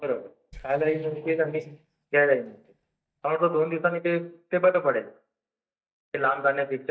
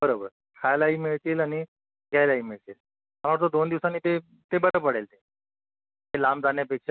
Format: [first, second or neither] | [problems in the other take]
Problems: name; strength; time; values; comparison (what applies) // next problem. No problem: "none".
second | noise reduction (neural mask model DeepFilterNet 3)